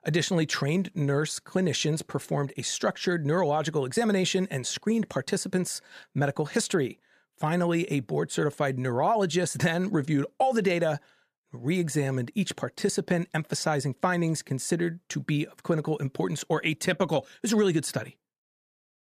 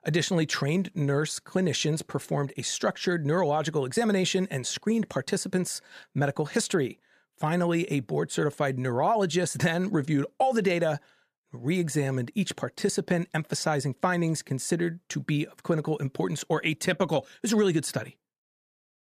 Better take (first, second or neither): neither